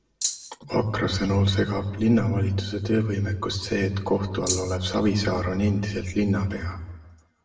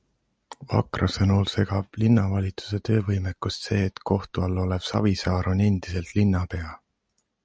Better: second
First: background sound (Rattle (instrument)); 4 dB below the speech // room echo; dies away in 1.1 s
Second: none

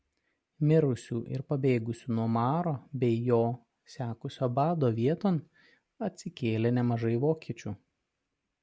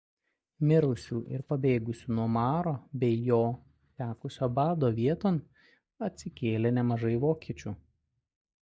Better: first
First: none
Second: noise reduction (neural mask model DeepFilterNet 3)

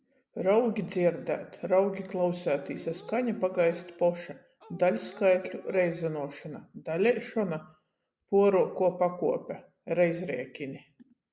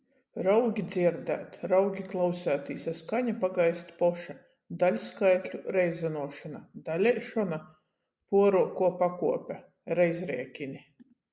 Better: second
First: background sound (Dog); 19 dB below the speech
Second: none

